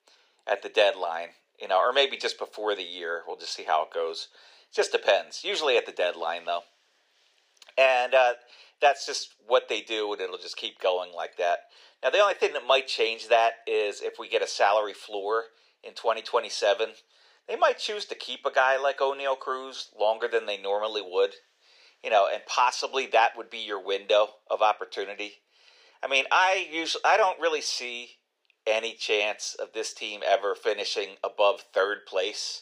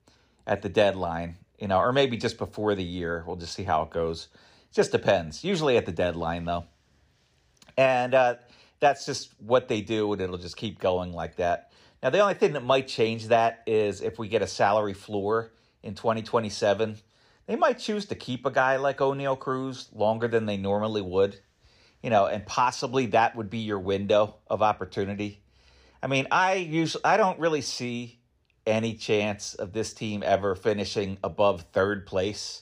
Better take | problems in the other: second | thin; very; fading below 450 Hz

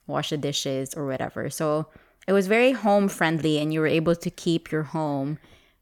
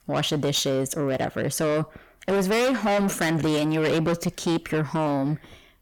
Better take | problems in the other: first | distortion; heavy; 6 dB below the speech

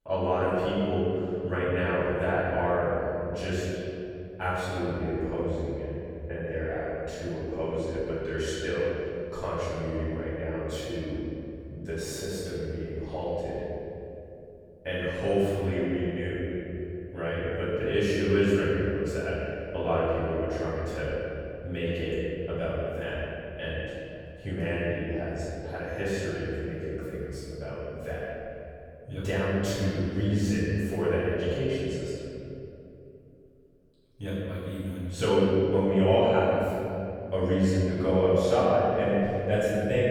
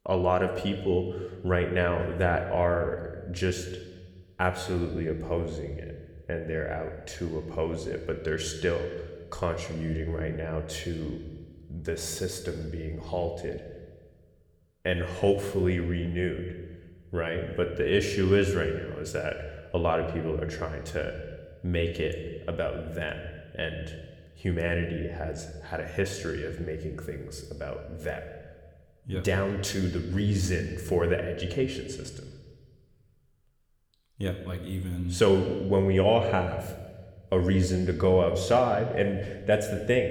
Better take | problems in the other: second | room echo; strong; dies away in 2.7 s; slight in the second // off-mic speech; far

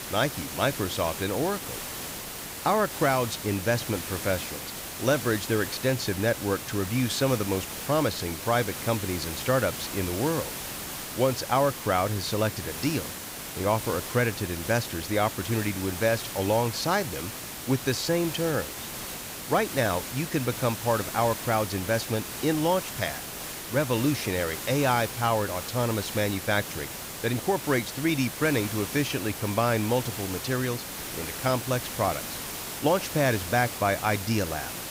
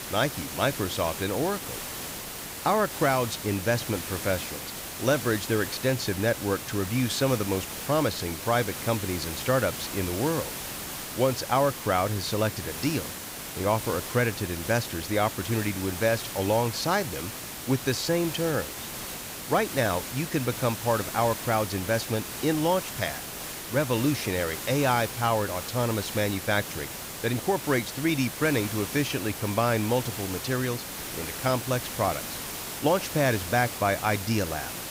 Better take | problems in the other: neither | hiss; loud; throughout; 7 dB below the speech; the same in both

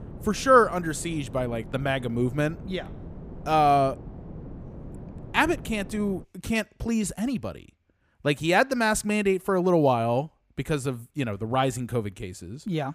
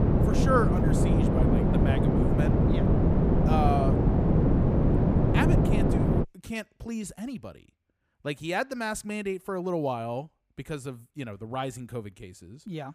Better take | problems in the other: first | wind noise on the microphone; heavy; until 6 s; 2 dB above the speech; occasional gusts in the first

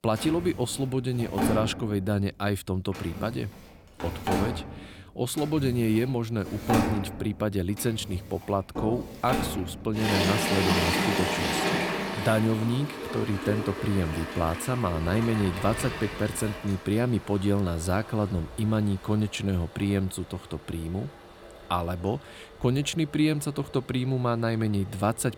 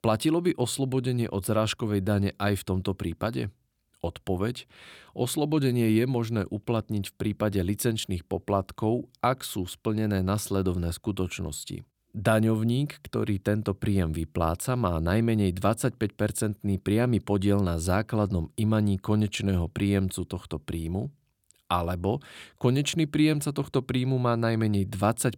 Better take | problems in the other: second | household noises; loud; throughout; 3 dB below the speech

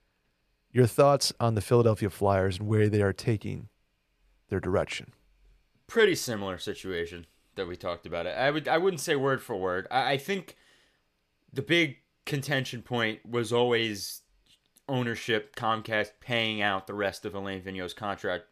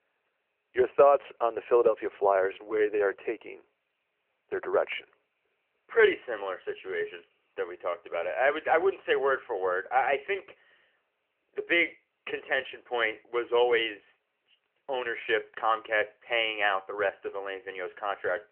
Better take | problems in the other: first | phone-call audio; nothing above 3 kHz

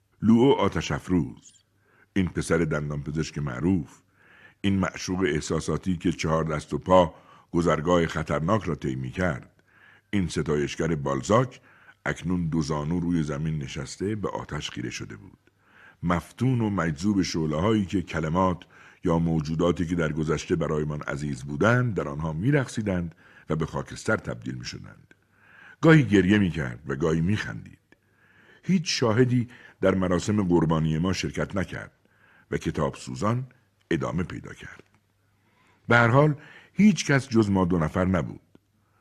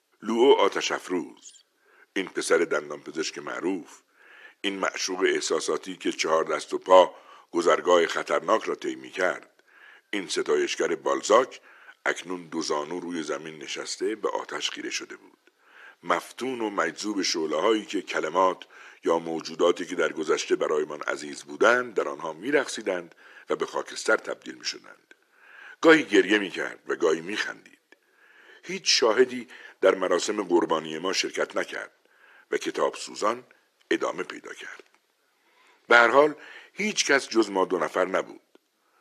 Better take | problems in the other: first | thin; very; fading below 350 Hz

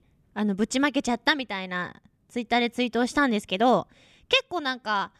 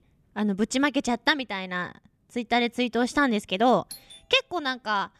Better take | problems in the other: first | doorbell; faint; at 4 s; peak 15 dB below the speech

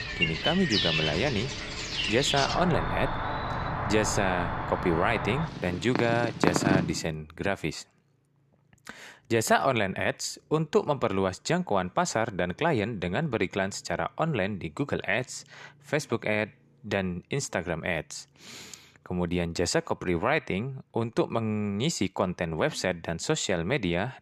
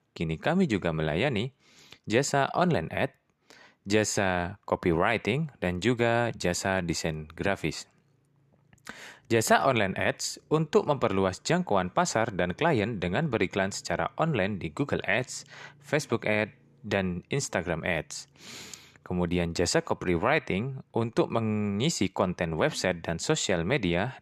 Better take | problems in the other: second | animal sounds; loud; until 7 s; 1 dB below the speech

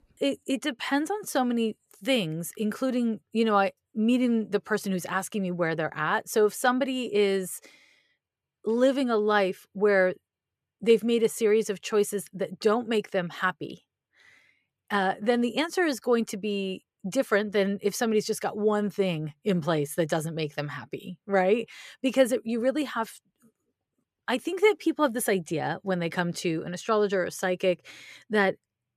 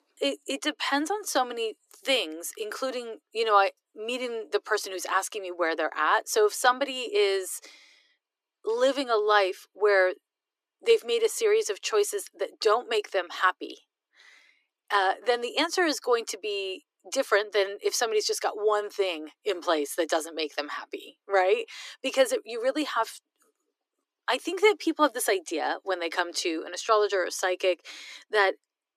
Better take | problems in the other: first | thin; somewhat; fading below 300 Hz

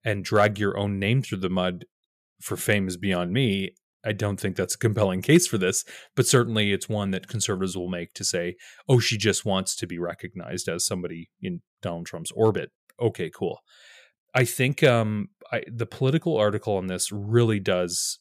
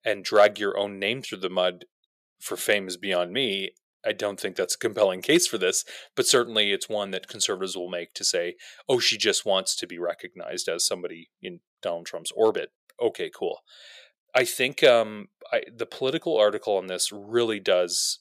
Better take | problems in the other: first | thin; very; fading below 400 Hz

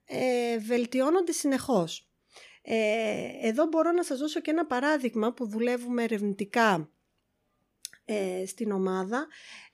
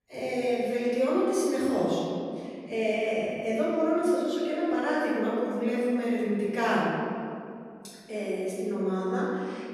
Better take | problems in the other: first | off-mic speech; far // room echo; strong; dies away in 2.2 s

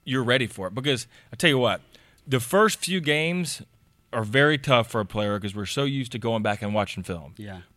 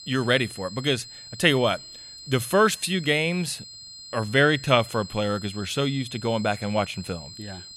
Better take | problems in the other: first | high-pitched whine; noticeable; throughout; 4 kHz, 15 dB below the speech

